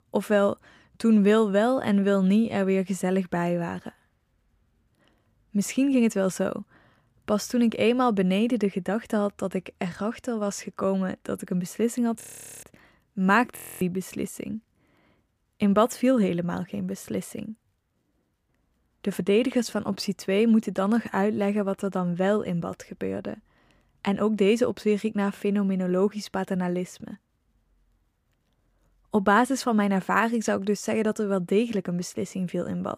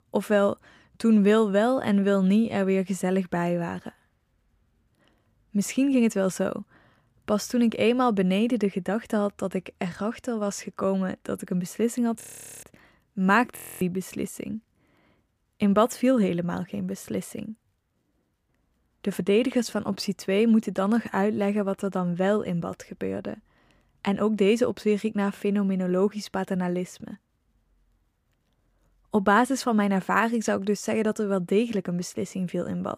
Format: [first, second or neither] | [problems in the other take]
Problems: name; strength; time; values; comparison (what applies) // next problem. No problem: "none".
neither | audio freezing; at 12 s and at 14 s; the same in both